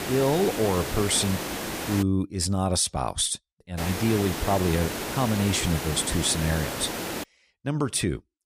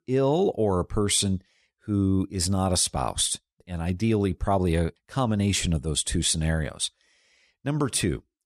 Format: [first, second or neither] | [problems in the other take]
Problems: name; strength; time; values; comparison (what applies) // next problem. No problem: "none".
second | hiss; loud; until 2 s and from 4 to 7 s; 5 dB below the speech